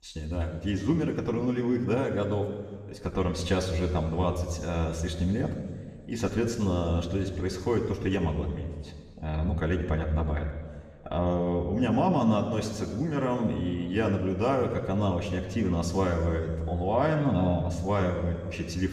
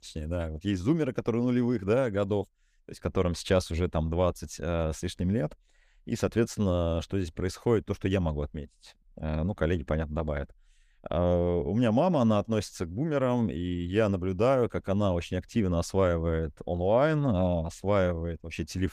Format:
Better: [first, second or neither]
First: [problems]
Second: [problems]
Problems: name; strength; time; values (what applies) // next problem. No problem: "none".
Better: second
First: room echo; slight; dies away in 1.7 s // off-mic speech; somewhat distant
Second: none